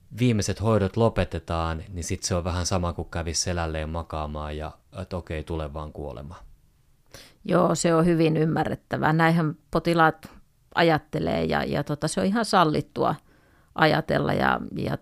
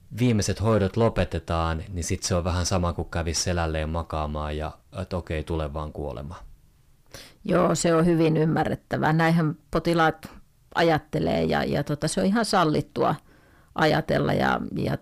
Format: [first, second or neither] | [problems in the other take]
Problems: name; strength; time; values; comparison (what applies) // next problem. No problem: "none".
first | distortion; slight; 10 dB below the speech